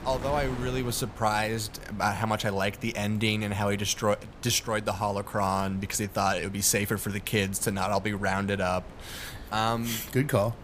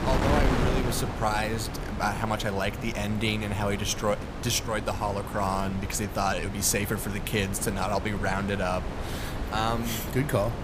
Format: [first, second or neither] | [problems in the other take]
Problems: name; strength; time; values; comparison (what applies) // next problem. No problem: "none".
first | wind noise on the microphone; heavy; 7 dB below the speech; occasional gusts in the first